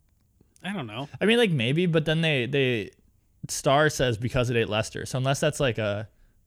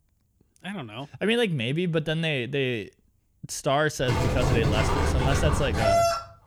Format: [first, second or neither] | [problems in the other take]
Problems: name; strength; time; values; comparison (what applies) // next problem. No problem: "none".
first | animal sounds; very loud; from 4 s on; 2 dB above the speech